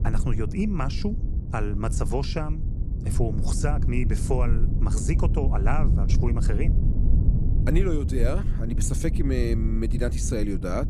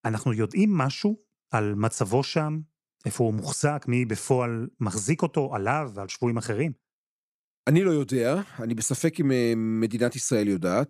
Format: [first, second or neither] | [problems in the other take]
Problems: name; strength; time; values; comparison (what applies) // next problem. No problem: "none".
second | low rumble; loud; throughout; 8 dB below the speech